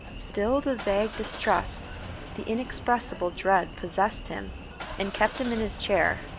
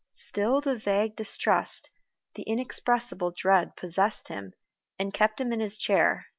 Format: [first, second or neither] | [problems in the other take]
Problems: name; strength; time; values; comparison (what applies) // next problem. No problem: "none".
second | background sound (Engine starting / Car); 10 dB below the speech